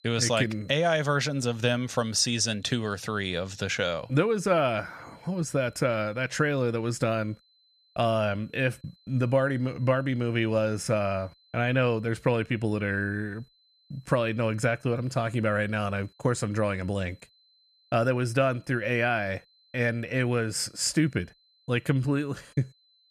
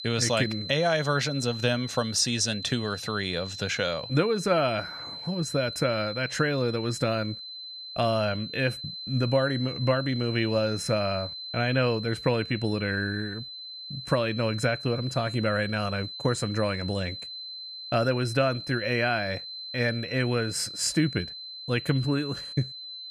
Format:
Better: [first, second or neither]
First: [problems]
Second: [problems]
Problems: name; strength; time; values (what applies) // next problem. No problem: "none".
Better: first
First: high-pitched whine; faint; throughout; 4 kHz, 35 dB below the speech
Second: high-pitched whine; loud; throughout; 4 kHz, 9 dB below the speech